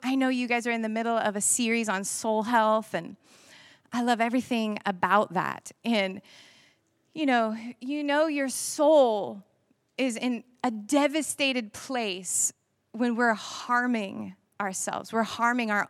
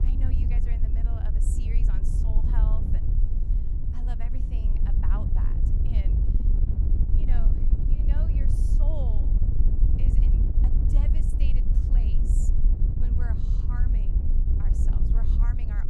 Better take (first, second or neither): first